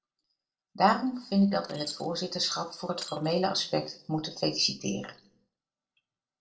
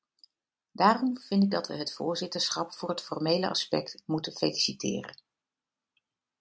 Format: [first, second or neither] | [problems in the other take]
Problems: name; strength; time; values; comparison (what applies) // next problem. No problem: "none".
second | noise reduction (neural separator model SepFormer DNS4)